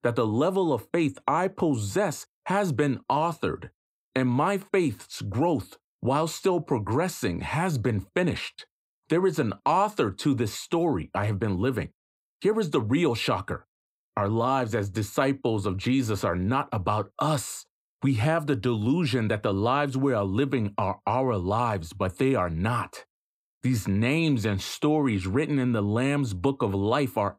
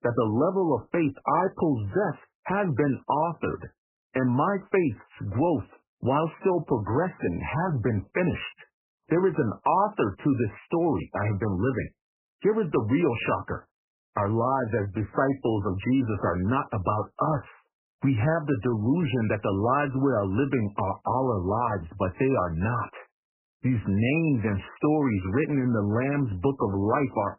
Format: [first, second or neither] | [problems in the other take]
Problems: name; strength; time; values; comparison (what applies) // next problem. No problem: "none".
first | garbled, watery; badly; nothing above 3 kHz